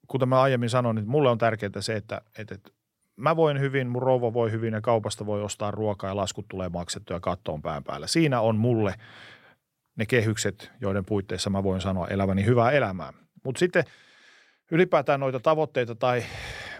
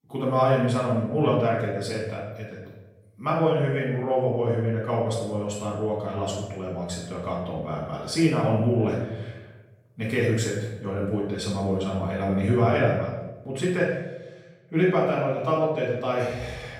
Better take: first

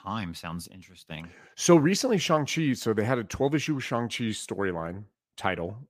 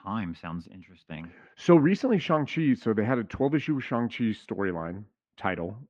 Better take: first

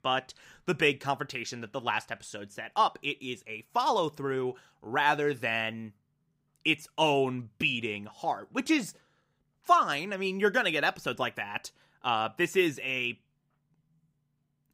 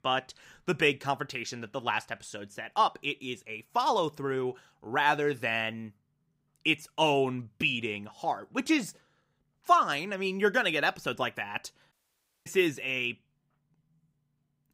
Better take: first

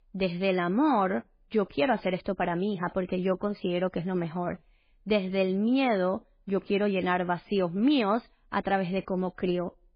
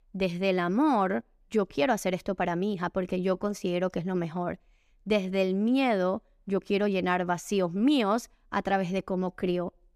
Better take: second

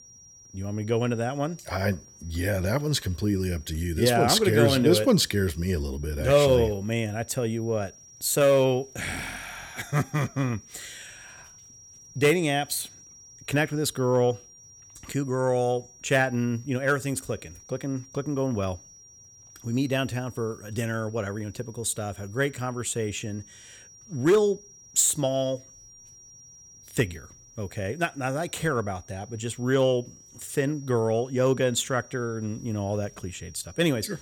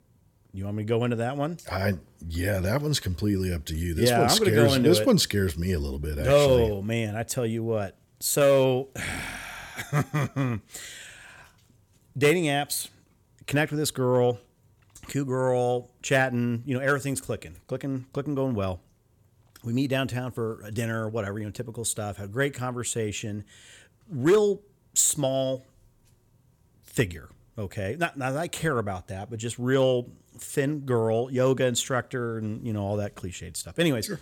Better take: second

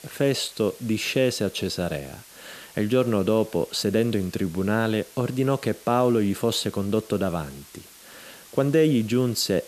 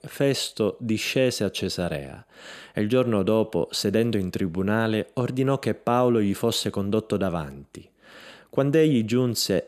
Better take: second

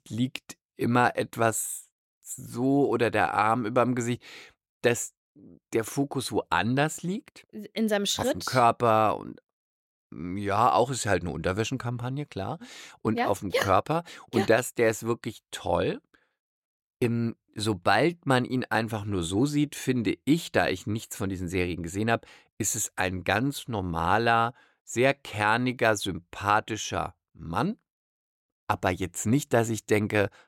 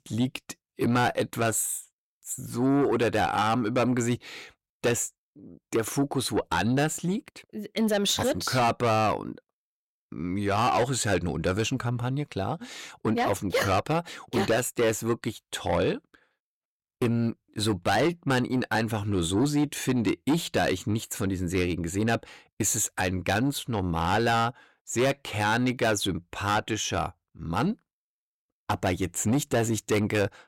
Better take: first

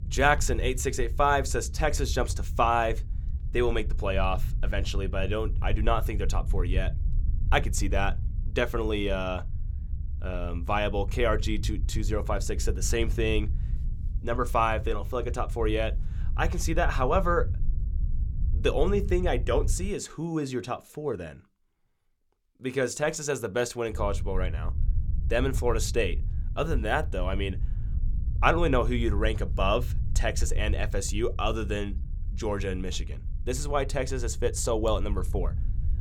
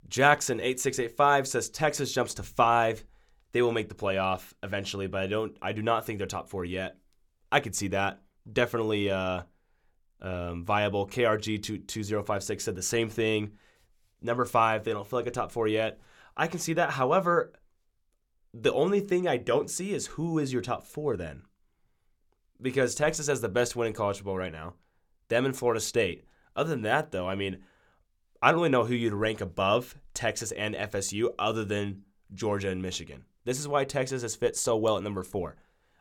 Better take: second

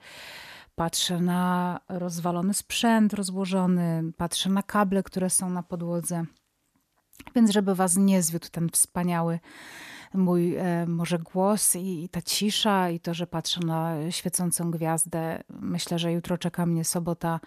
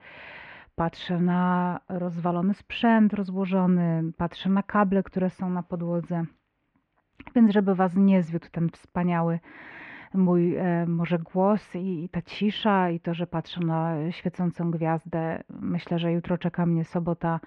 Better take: first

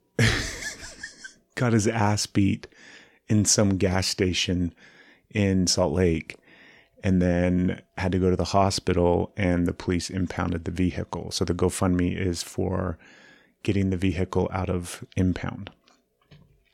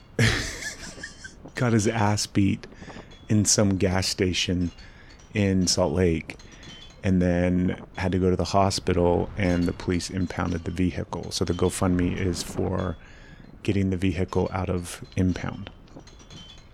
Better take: first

